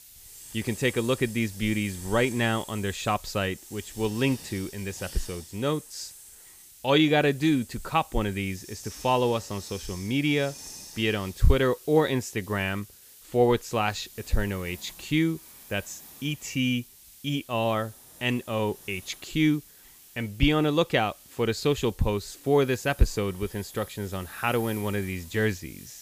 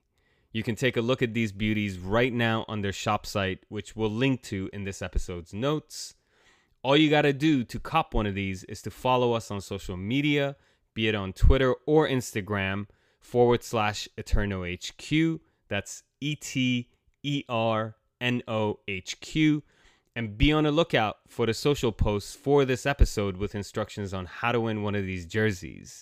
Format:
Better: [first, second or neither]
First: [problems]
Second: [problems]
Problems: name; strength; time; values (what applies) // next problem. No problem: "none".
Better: second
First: hiss; noticeable; throughout; 15 dB below the speech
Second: none